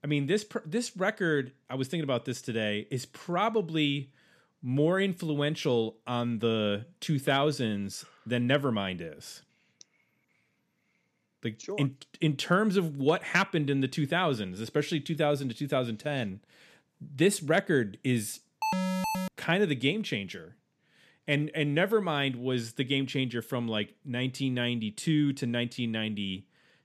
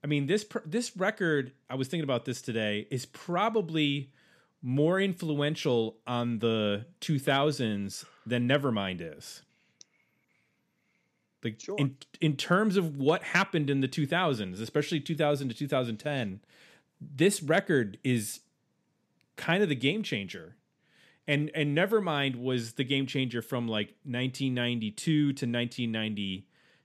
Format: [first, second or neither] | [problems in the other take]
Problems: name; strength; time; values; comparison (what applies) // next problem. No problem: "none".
second | alarm; noticeable; at 19 s; peak level with the speech